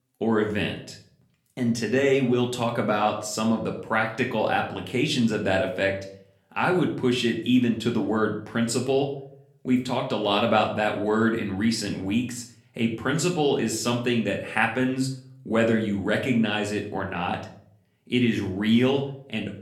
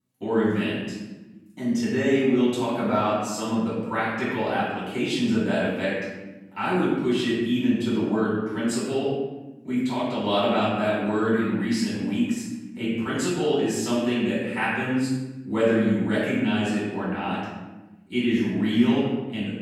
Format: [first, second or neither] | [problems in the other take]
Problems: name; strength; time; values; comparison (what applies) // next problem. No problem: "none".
first | room echo; strong; dies away in 1.1 s; slight in the first // off-mic speech; far; somewhat distant in the first